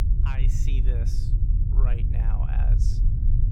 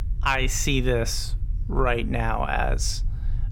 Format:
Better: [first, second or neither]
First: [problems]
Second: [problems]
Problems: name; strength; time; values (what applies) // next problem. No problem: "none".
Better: second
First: low rumble; loud; throughout; as loud as the speech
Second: low rumble; faint; throughout; 25 dB below the speech